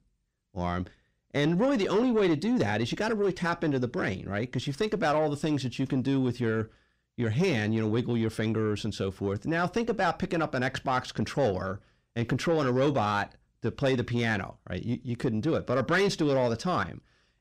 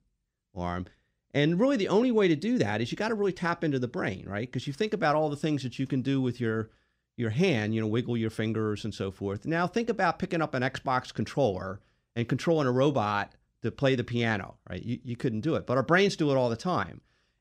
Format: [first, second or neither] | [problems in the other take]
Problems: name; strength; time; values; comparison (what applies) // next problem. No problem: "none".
second | distortion; slight; 10 dB below the speech